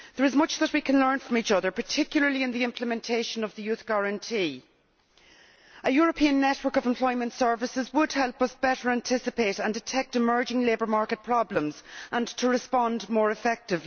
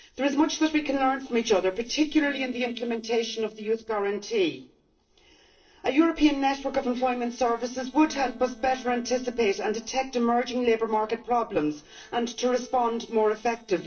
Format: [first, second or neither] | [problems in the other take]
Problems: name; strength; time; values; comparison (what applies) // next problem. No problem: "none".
first | noise reduction (neural separator model SepFormer DNS4)